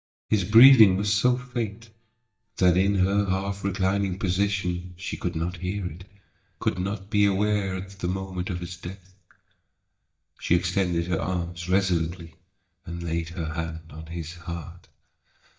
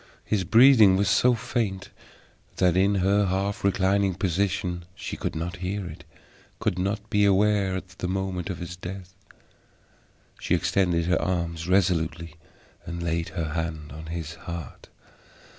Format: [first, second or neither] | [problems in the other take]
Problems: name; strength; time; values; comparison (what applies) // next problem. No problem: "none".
second | noise reduction (neural mask model DeepFilterNet 3)